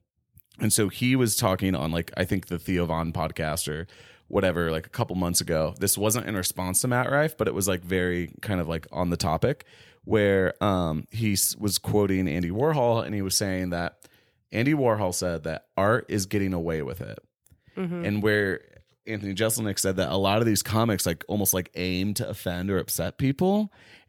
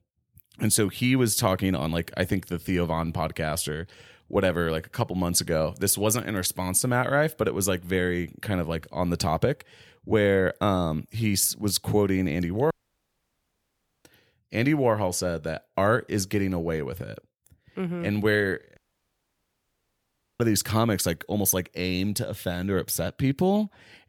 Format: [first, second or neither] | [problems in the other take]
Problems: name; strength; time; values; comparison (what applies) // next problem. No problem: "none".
first | audio cutting out; at 13 s for 1.5 s and at 19 s for 1.5 s